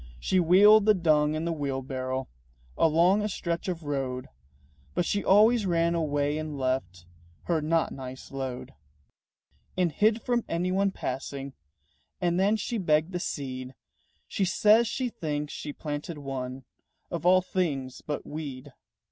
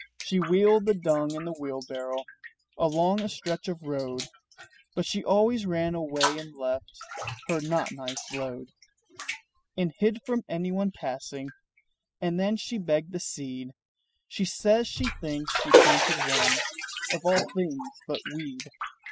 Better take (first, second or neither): first